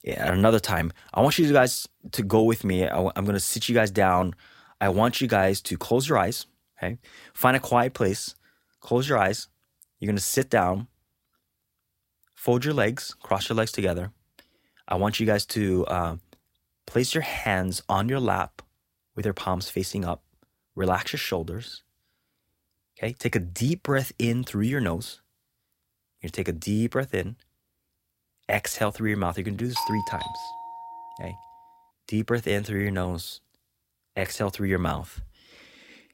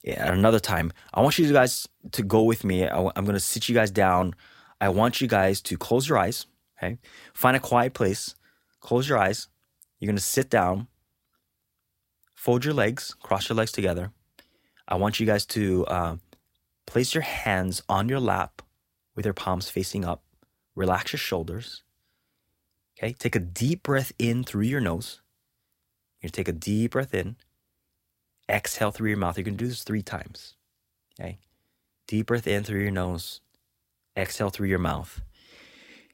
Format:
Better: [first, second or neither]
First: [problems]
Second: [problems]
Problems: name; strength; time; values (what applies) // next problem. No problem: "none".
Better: second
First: doorbell; noticeable; from 30 to 31 s; peak 4 dB below the speech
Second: none